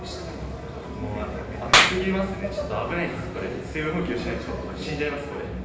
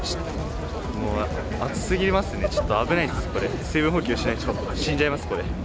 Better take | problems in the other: second | background sound (Clapping); 2 dB above the speech // room echo; dies away in 0.9 s

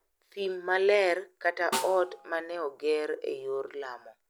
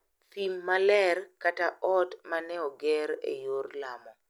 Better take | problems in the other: second | background sound (Snare drum); 11 dB below the speech

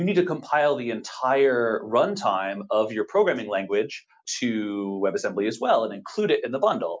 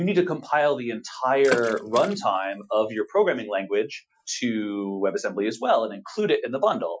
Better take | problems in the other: first | noise reduction (classical method Wiener filter)

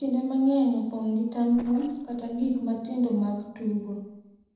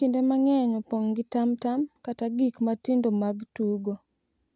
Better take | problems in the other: second | noise reduction (neural separator model SepFormer DNS4)

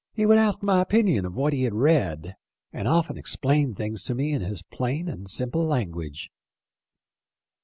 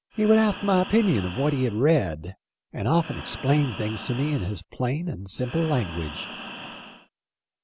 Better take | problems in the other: first | background sound (Breathing); 13 dB below the speech

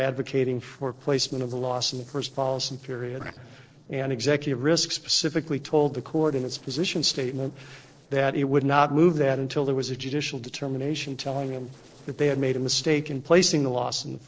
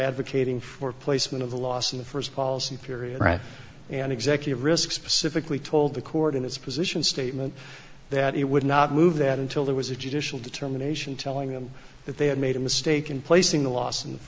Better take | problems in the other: second | noise reduction (neural separator model SepFormer DNS4)

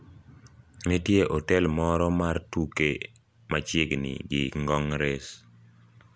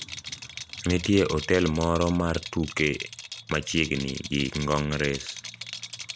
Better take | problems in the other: first | background sound (Rattle); 12 dB below the speech

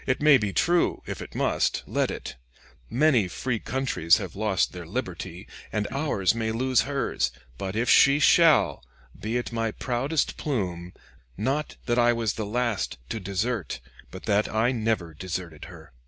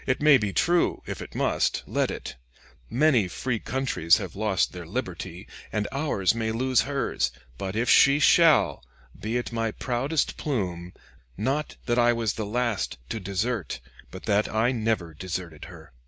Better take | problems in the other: second | background sound (Cough); 14 dB below the speech

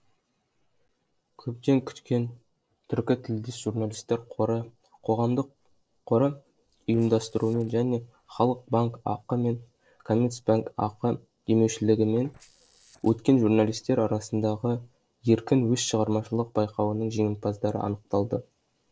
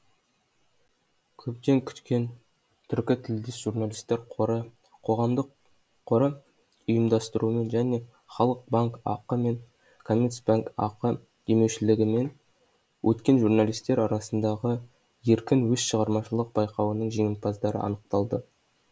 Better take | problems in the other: second | noise reduction (neural separator model SepFormer DNS4)

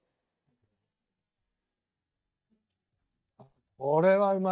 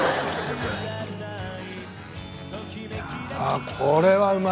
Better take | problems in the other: second | noise reduction (neural mask model DeepFilterNet 3)

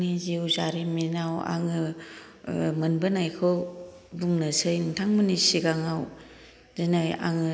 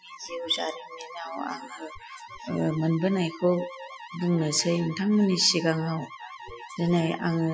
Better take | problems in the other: first | noise reduction (classical method Wiener filter)

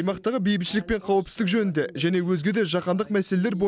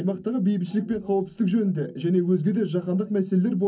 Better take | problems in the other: first | room echo; dies away in 0.3 s

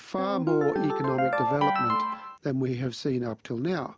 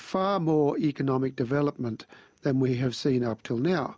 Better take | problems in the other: second | background sound (Ringtone); 2 dB above the speech

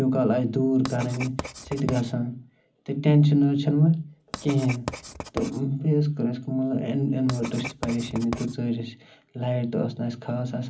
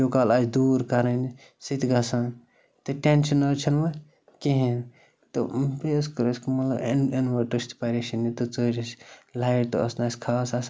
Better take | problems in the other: second | background sound (Writing); 14 dB below the speech // room echo; dies away in 0.4 s

